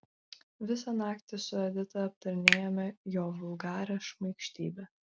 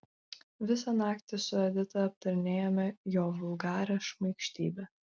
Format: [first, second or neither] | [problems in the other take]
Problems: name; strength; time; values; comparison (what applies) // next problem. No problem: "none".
second | background sound (Finger snapping); as loud as the speech